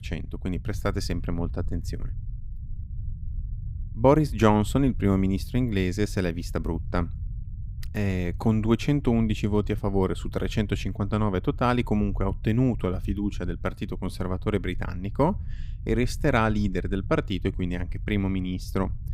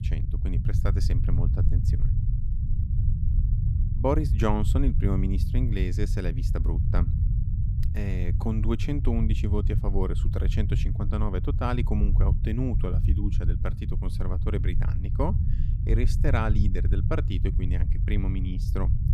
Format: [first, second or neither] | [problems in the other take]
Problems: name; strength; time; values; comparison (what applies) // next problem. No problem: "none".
first | low rumble; loud; throughout; 8 dB below the speech; faint in the first